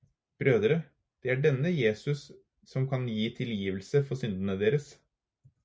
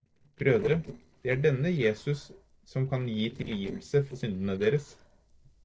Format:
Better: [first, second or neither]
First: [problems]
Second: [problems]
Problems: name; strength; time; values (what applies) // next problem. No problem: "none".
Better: first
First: none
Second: noise reduction (neural separator model SepFormer DNS4)